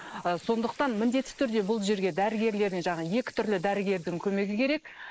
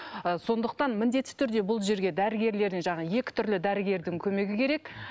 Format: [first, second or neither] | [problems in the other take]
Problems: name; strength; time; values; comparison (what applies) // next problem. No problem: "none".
second | noise reduction (neural mask model Resemble Enhance denoiser)